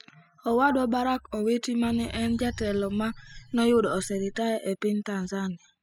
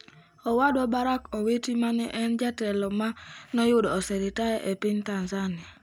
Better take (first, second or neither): second